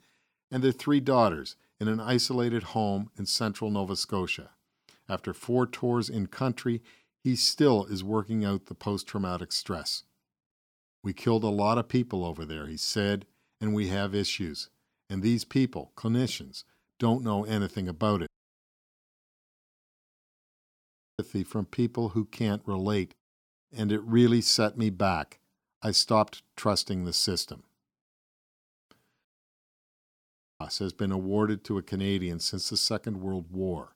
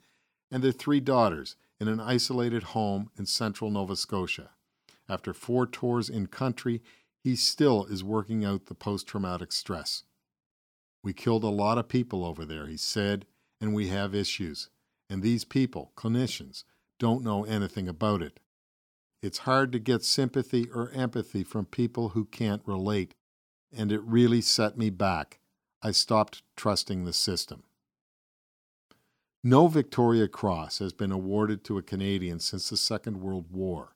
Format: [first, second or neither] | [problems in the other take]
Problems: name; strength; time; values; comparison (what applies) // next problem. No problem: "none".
second | audio cutting out; at 18 s for 3 s and at 29 s for 1.5 s